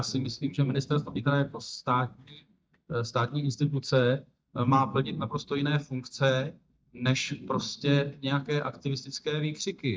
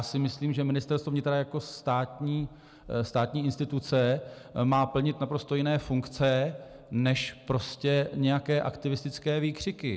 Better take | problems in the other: second | noise reduction (neural mask model DeepFilterNet 3)

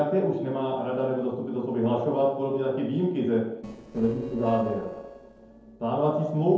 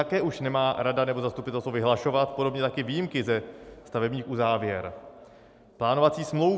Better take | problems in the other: second | noise reduction (neural separator model SepFormer DNS4)

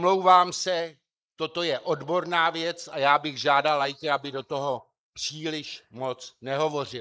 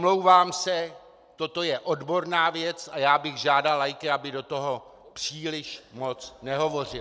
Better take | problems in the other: second | noise reduction (neural mask model Resemble Enhance denoiser)

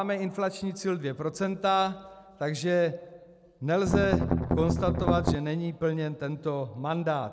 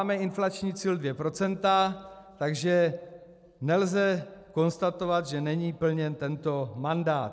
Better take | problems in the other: second | background sound (Strum); 3 dB above the speech

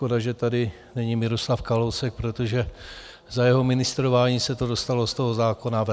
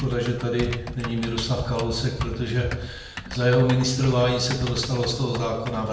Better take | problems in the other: first | background sound (Typing); 12 dB below the speech // room echo; dies away in 0.7 s

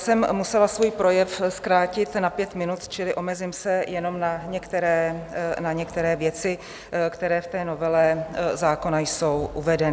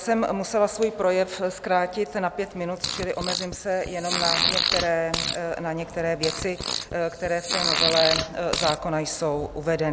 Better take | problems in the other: first | background sound (Fart); 2 dB below the speech

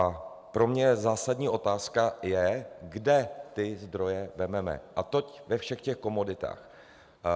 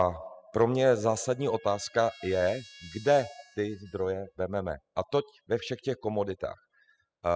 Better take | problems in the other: first | noise reduction (classical method spectral subtraction)

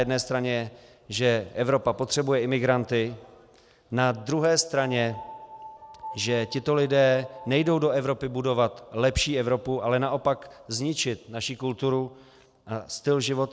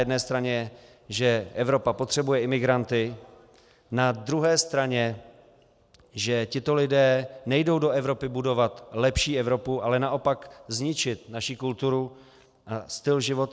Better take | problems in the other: second | background sound (Piano); 17 dB below the speech

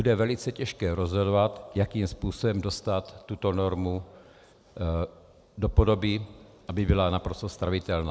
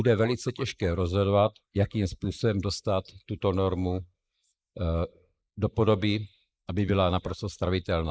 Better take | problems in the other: first | noise reduction (neural mask model Resemble Enhance denoiser)

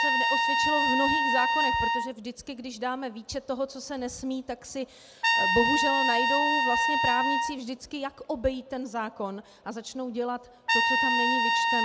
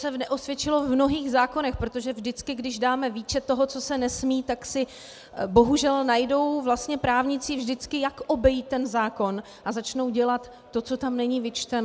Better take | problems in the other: second | background sound (Trumpet); 4 dB above the speech

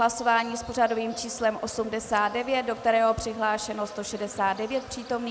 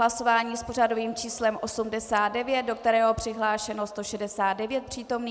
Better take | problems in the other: second | background sound (Insect); 19 dB below the speech

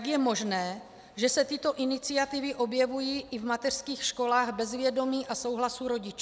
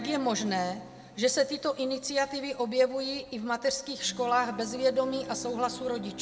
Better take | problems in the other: first | background sound (Bowed string instrument); 17 dB below the speech // room echo; dies away in 1 s

